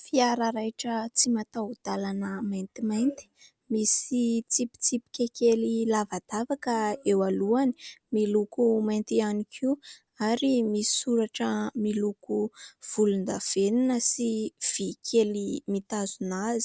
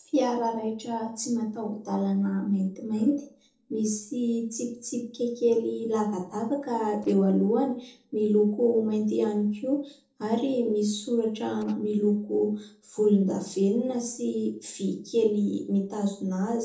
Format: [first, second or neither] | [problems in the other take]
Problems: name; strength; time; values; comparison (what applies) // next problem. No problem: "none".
first | noise reduction (neural separator model SepFormer DNS4)